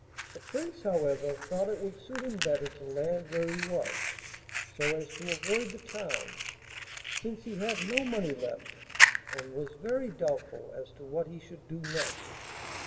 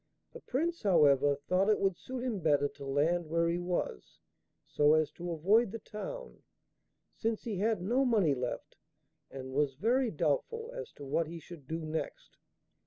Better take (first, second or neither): second